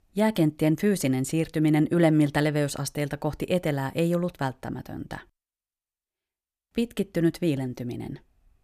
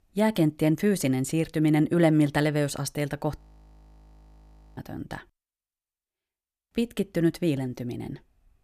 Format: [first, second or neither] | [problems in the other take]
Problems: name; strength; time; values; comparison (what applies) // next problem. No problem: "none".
first | audio freezing; at 3.5 s for 1.5 s